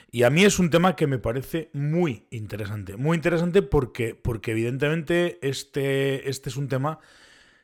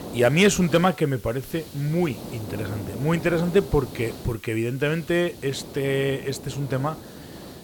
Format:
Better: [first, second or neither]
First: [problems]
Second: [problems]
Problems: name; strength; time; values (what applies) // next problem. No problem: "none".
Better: first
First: none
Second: hiss; noticeable; throughout; 15 dB below the speech